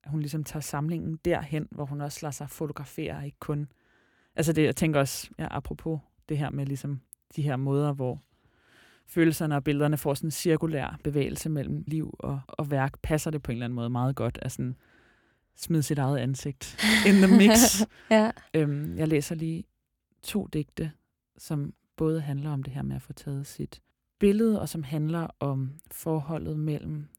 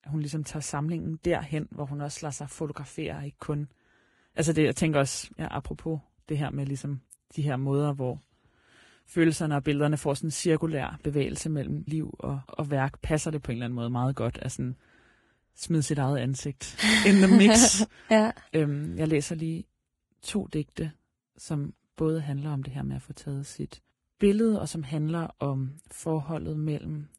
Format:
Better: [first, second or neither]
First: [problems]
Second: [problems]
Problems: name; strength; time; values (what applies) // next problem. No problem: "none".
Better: first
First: none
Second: garbled, watery; badly; nothing above 10.5 kHz